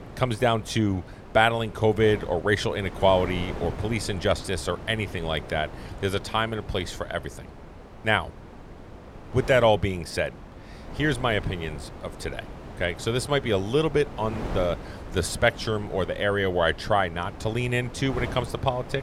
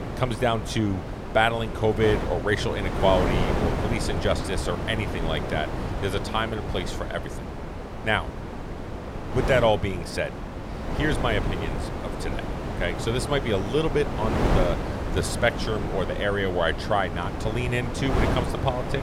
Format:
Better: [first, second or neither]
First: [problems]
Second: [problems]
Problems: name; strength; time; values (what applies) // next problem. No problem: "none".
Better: first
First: wind noise on the microphone; occasional gusts; 15 dB below the speech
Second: wind noise on the microphone; heavy; 6 dB below the speech